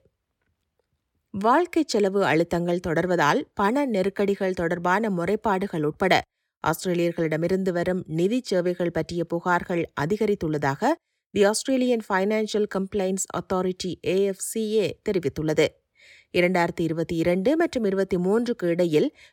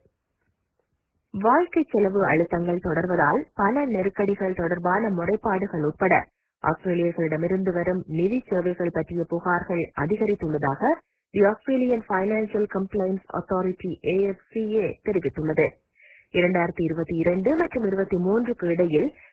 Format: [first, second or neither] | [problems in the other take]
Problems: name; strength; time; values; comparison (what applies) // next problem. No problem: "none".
first | garbled, watery; badly